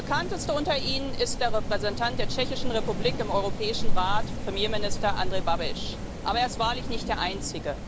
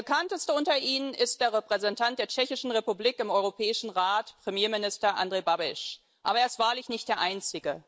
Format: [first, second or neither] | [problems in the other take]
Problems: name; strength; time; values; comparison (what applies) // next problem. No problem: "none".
second | background sound (Rain); 2 dB above the speech